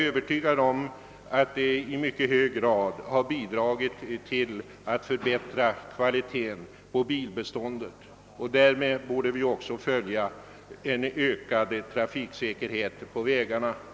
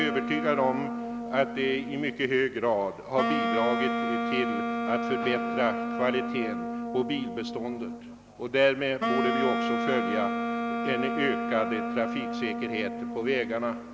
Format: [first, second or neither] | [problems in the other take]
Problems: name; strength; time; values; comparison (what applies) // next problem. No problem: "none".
first | background sound (Wind instrument, woodwind instrument); 1 dB below the speech